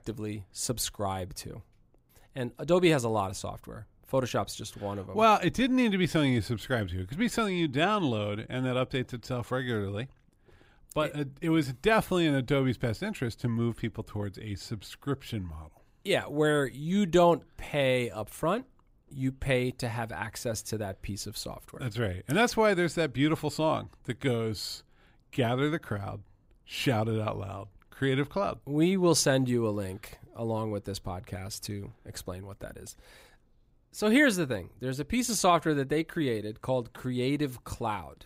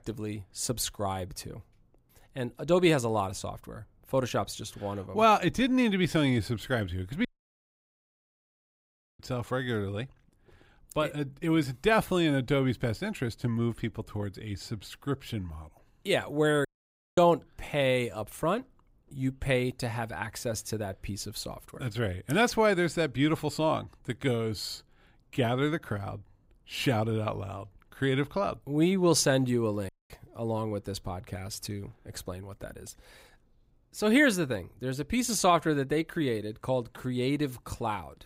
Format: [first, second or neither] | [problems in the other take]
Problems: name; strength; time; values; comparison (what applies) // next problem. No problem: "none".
first | audio cutting out; at 7.5 s for 2 s, at 17 s for 0.5 s and at 30 s